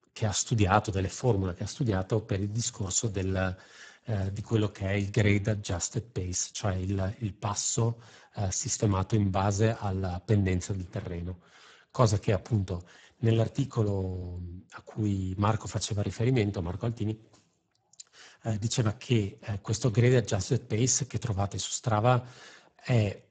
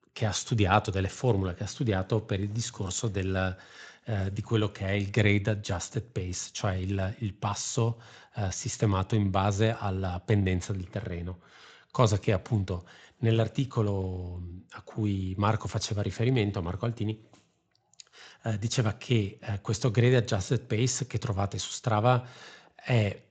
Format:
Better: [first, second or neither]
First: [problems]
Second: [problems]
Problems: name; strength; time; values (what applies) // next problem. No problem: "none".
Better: second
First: garbled, watery; badly; nothing above 7.5 kHz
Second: garbled, watery; slightly; nothing above 7.5 kHz